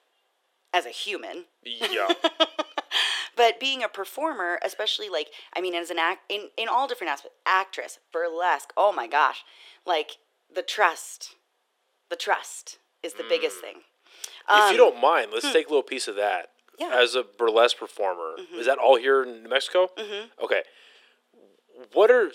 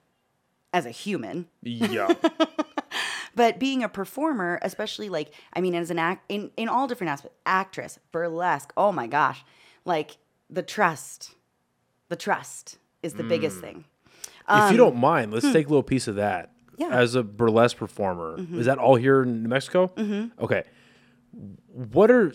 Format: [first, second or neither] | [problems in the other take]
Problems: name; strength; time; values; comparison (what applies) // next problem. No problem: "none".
second | thin; very; fading below 400 Hz